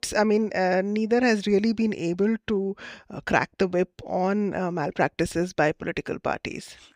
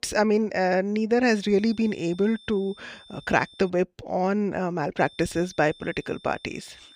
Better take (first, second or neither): first